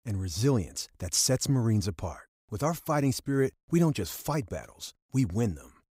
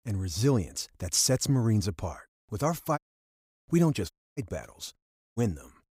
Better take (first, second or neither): first